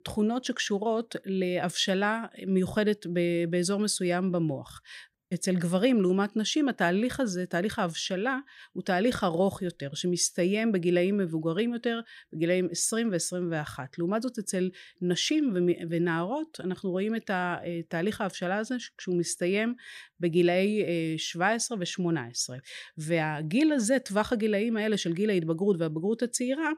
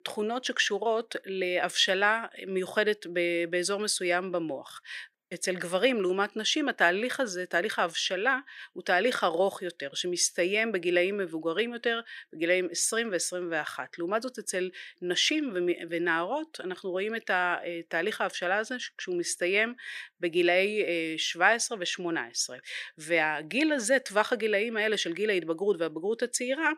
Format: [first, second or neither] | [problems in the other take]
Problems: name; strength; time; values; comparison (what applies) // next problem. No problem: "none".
first | thin; somewhat; fading below 400 Hz